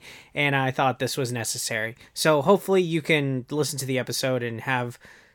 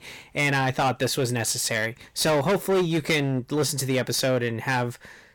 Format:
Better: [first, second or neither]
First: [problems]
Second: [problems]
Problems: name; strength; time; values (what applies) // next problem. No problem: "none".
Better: first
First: none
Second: distortion; heavy; 13% of the sound clipped